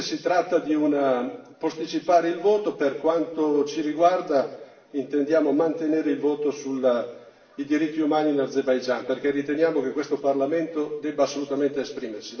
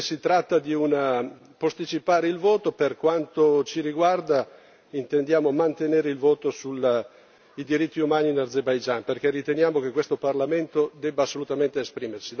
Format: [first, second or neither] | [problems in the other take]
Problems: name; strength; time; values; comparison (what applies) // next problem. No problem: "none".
second | room echo; dies away in 0.7 s